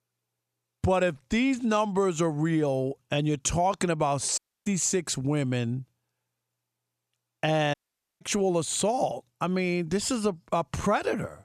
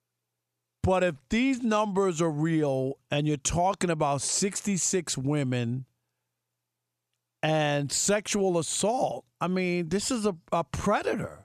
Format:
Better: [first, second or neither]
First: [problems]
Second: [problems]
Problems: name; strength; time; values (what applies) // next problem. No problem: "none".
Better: second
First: audio cutting out; at 4.5 s and at 7.5 s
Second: none